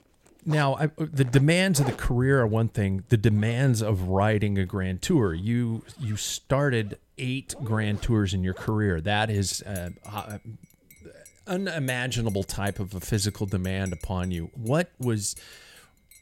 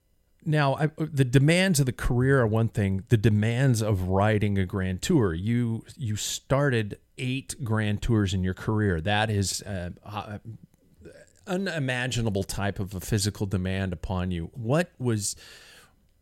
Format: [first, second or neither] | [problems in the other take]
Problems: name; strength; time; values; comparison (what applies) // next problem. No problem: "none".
second | household noises; faint; throughout; 20 dB below the speech